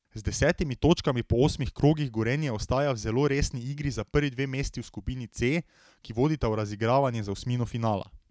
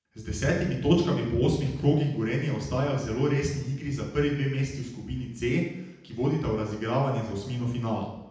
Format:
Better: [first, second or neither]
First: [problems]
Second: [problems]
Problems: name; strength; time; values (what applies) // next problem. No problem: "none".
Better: first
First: none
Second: room echo; dies away in 0.9 s